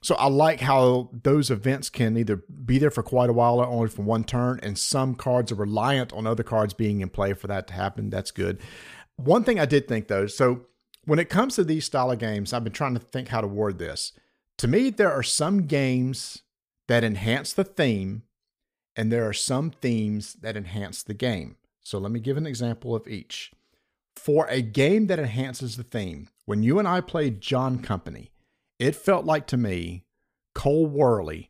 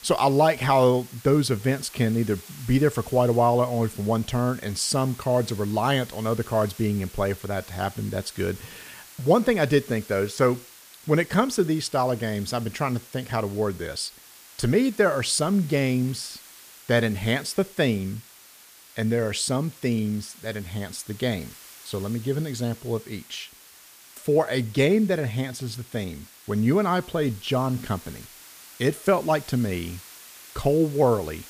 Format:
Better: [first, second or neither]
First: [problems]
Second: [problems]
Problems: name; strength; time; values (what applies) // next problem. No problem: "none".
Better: first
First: none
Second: hiss; noticeable; throughout; 20 dB below the speech